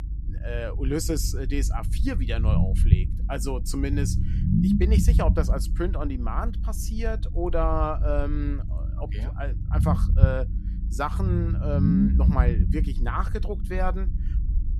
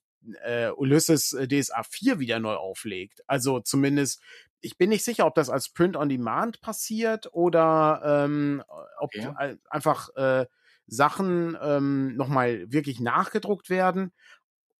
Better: second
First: low rumble; loud; throughout; 6 dB below the speech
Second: none

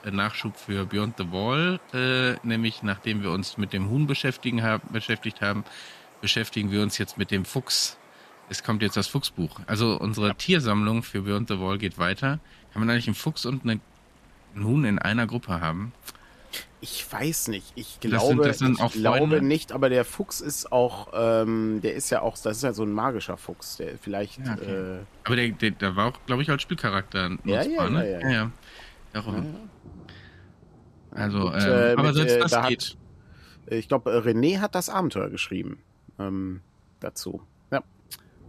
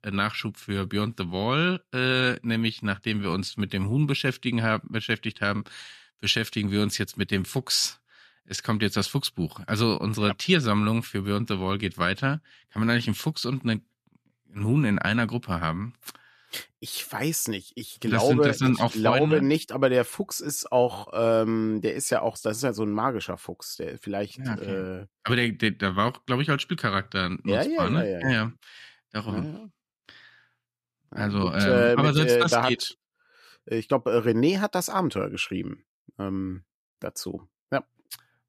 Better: second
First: rain or running water; faint; throughout; 25 dB below the speech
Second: none

